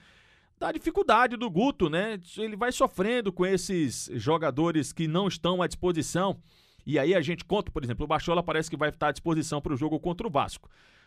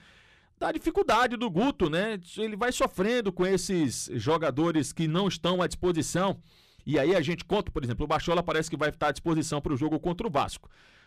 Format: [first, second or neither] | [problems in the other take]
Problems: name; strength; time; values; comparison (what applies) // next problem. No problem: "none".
first | distortion; slight; 5% of the sound clipped